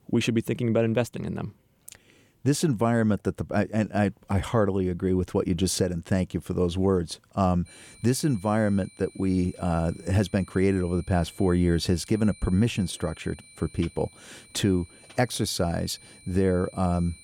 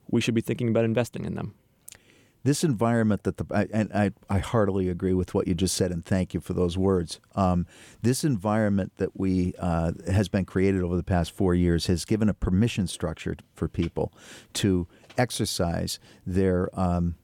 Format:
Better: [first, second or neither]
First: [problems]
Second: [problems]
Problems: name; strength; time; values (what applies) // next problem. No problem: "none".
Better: second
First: high-pitched whine; faint; from 7.5 s on; 9 kHz, 25 dB below the speech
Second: none